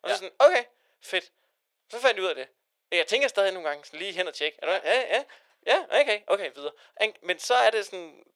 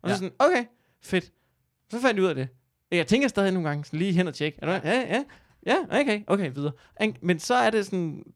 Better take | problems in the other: second | thin; very; fading below 500 Hz

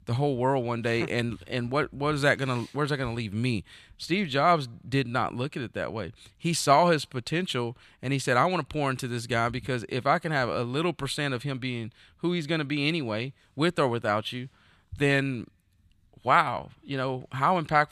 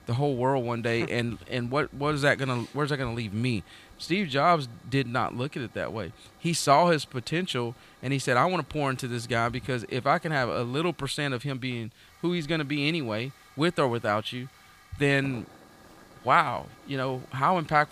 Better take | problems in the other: first | hiss; faint; throughout; 25 dB below the speech

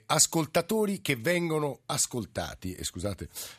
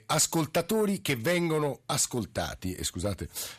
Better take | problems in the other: first | distortion; slight; 10 dB below the speech

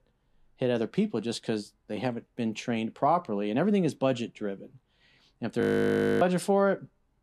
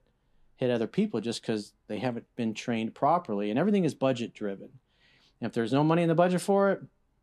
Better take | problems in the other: second | audio freezing; at 5.5 s for 0.5 s

